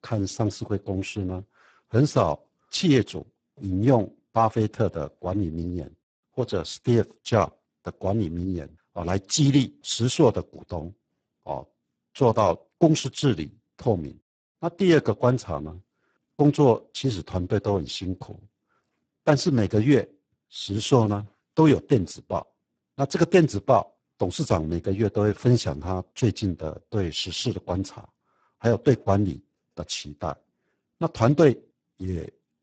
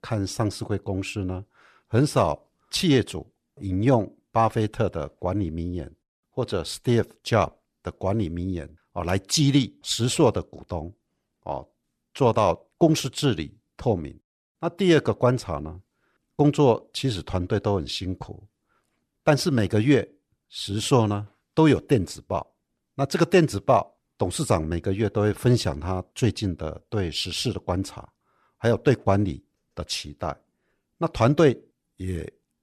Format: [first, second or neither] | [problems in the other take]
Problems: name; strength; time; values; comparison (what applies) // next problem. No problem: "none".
second | garbled, watery; badly; nothing above 7.5 kHz